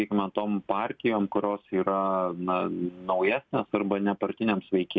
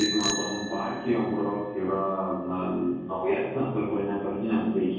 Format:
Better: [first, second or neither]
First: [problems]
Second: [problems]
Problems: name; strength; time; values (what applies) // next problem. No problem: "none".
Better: first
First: none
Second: background sound (Bicycle bell); 11 dB below the speech // room echo; dies away in 1.3 s